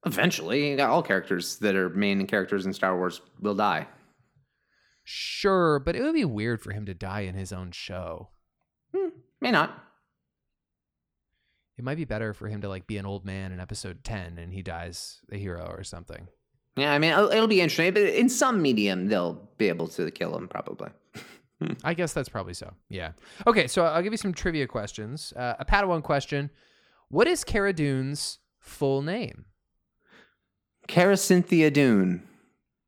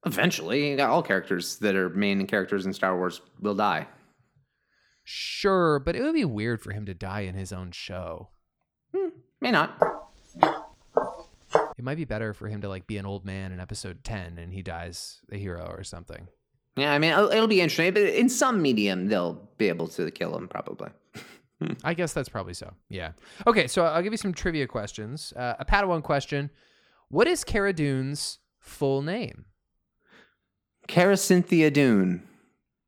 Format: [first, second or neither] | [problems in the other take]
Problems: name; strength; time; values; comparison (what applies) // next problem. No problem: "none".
first | footsteps; loud; from 10 to 12 s; peak 1 dB above the speech